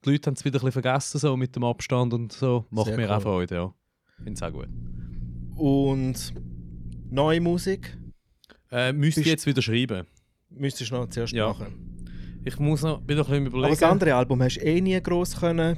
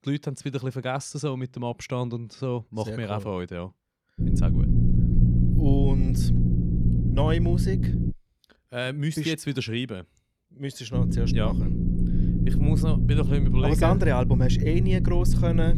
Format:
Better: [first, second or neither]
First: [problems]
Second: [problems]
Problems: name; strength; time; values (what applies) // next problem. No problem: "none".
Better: first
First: low rumble; faint; from 4 to 8 s and from 11 s on; 25 dB below the speech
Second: low rumble; loud; from 4 to 8 s and from 11 s on; 3 dB below the speech